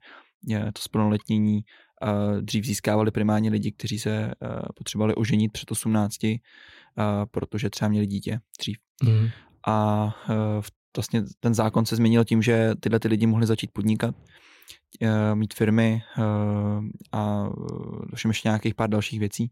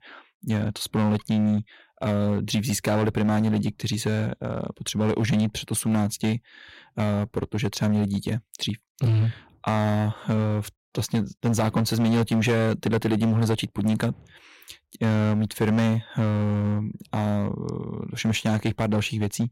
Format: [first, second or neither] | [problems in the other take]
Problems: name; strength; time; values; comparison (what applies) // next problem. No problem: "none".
first | distortion; slight; 10% of the sound clipped